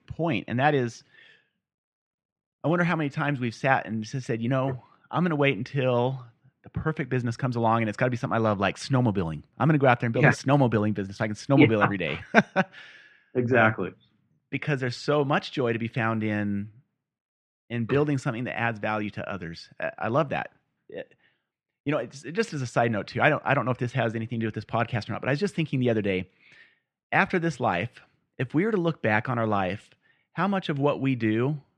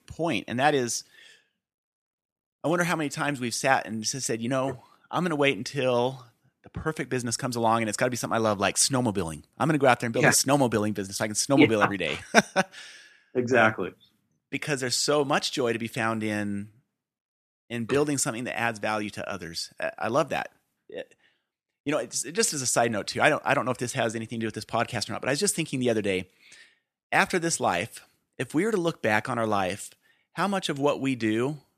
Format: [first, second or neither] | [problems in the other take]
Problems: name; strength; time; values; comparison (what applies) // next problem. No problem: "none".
second | muffled; slightly; fading above 2.5 kHz